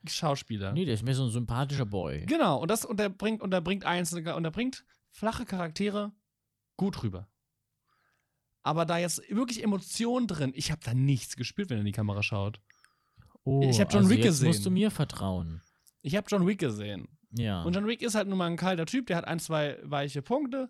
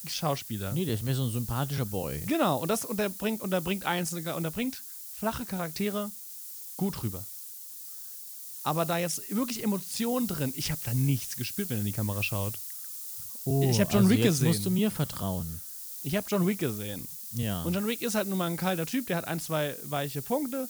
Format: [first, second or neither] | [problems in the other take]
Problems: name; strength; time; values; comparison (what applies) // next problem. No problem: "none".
first | hiss; loud; throughout; 6 dB below the speech